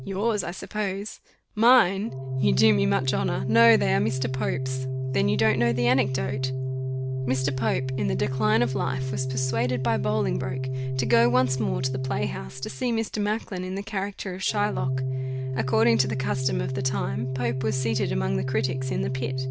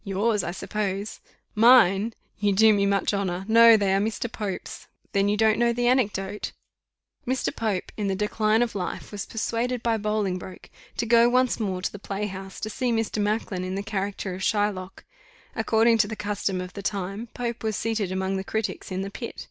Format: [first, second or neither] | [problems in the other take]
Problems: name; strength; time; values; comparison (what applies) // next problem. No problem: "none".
second | background sound (Organ); 2 dB below the speech